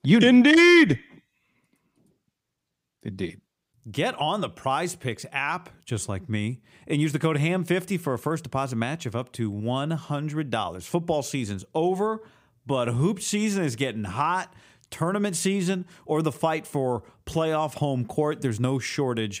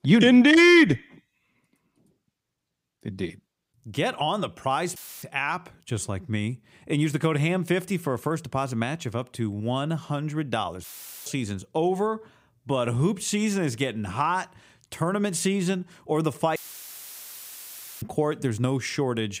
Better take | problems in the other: first | audio cutting out; filled with static; at 5 s, at 11 s and at 17 s for 1.5 s

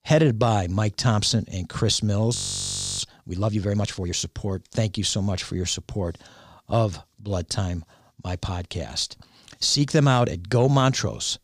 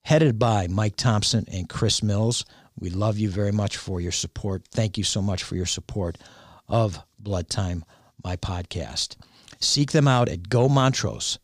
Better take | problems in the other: second | audio freezing; at 2.5 s for 0.5 s

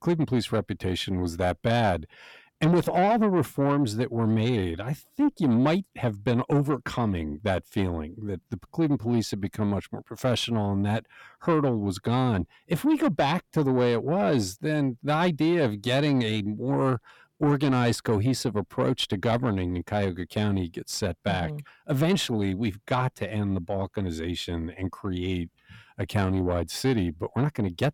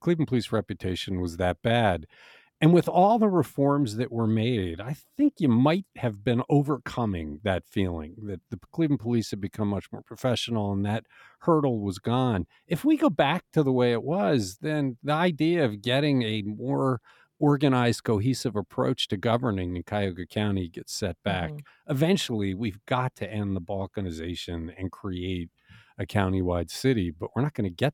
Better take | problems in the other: second | distortion; slight; 10 dB below the speech

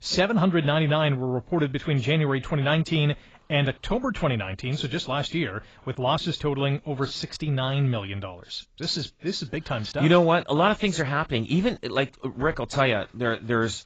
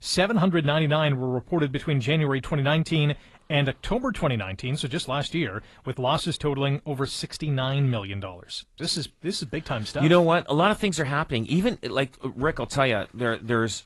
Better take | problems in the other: second | garbled, watery; badly; nothing above 7.5 kHz; slightly in the second

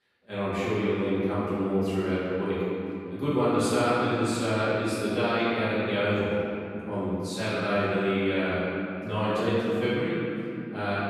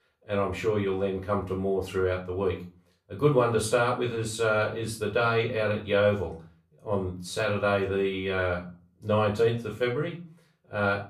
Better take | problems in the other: second | room echo; strong; dies away in 2.9 s; slight in the second // off-mic speech; far; far in the second

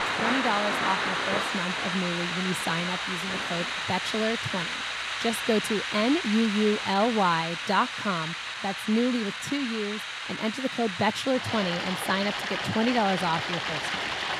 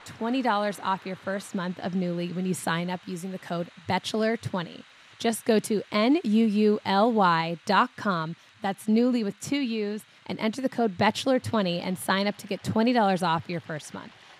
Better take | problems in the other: second | rain or running water; loud; throughout; 1 dB below the speech; faint in the second

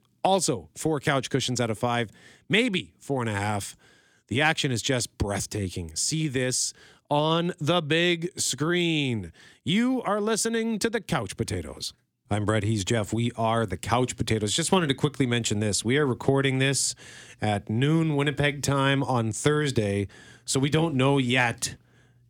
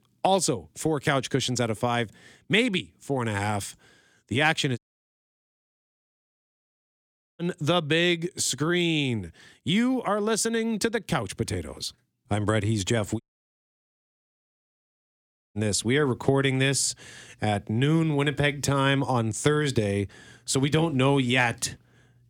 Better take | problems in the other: first | audio cutting out; at 5 s for 2.5 s and at 13 s for 2.5 s

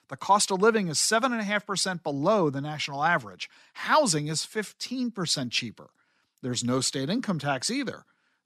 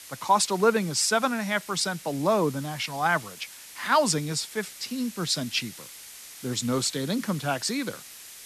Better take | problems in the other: first | hiss; noticeable; throughout; 15 dB below the speech

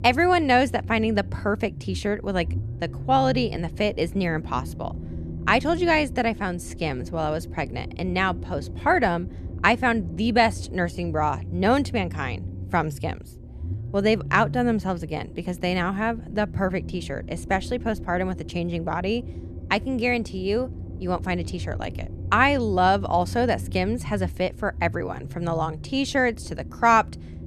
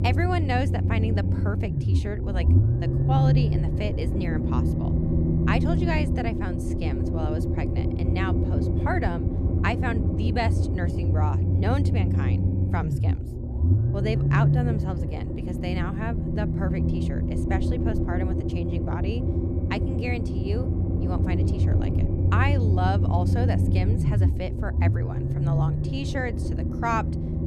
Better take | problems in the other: first | low rumble; loud; throughout; 2 dB below the speech; faint in the first

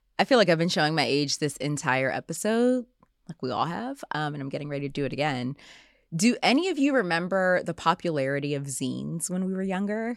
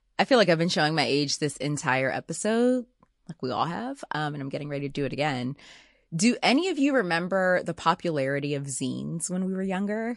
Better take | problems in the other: first | garbled, watery; slightly

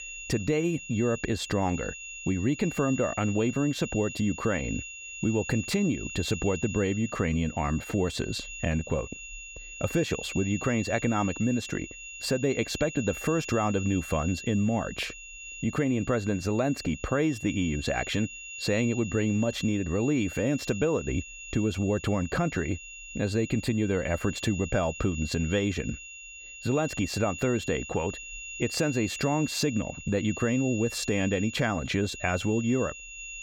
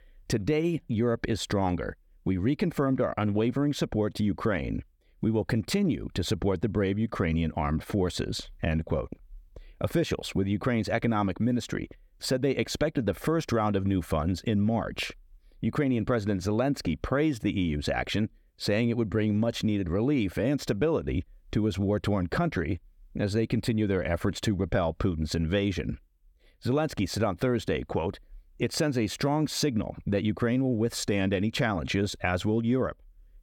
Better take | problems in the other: second | high-pitched whine; noticeable; throughout; 2.5 kHz, 10 dB below the speech

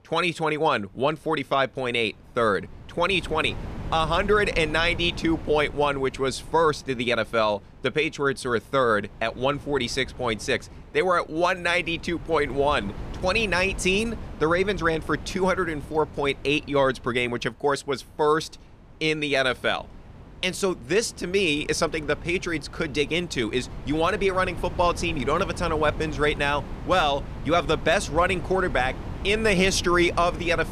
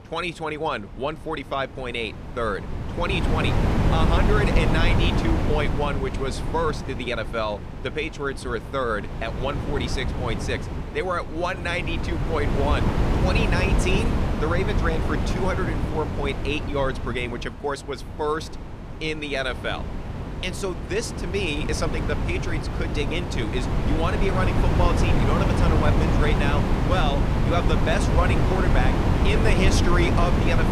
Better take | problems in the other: first | wind noise on the microphone; heavy; 3 dB below the speech; occasional gusts in the first

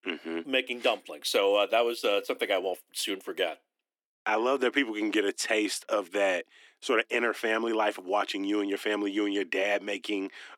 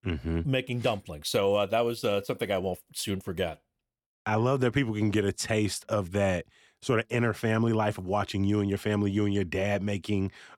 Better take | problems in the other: second | thin; somewhat; fading below 300 Hz

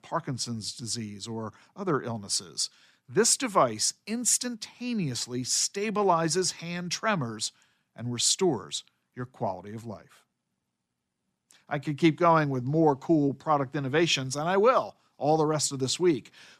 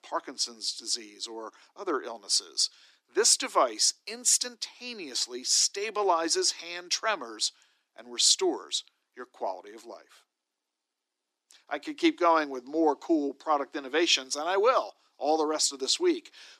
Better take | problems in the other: first | thin; somewhat; fading below 300 Hz

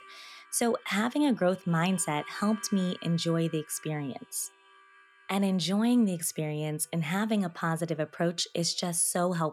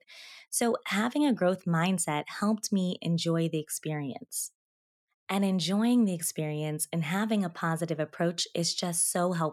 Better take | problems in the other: second | background music; faint; throughout; 20 dB below the speech

